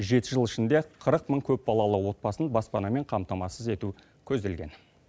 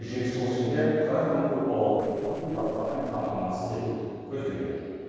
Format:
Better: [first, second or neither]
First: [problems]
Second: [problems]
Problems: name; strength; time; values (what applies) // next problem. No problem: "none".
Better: first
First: none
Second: noise reduction (neural separator model SepFormer DNS4)